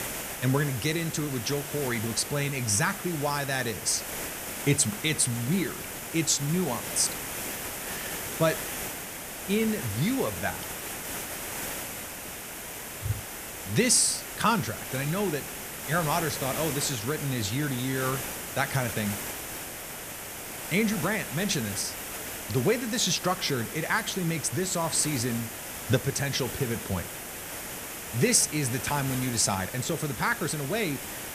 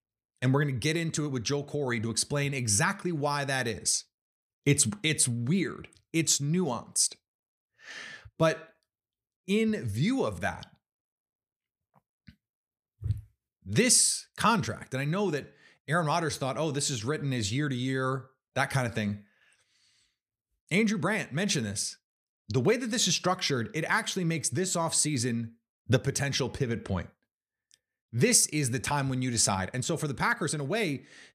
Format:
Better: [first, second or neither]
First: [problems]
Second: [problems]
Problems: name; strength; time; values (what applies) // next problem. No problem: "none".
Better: second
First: hiss; loud; throughout; 7 dB below the speech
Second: none